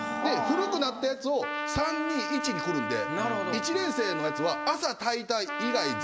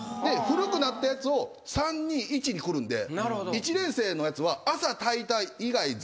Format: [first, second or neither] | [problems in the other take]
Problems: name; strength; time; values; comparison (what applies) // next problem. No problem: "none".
second | background sound (Trumpet); 5 dB below the speech